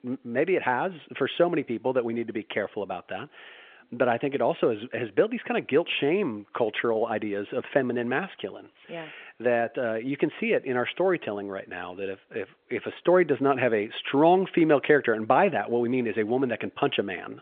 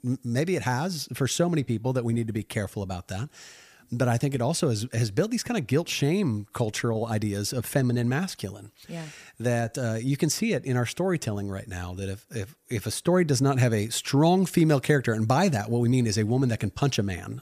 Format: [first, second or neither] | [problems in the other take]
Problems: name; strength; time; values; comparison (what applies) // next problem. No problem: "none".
second | phone-call audio; nothing above 3.5 kHz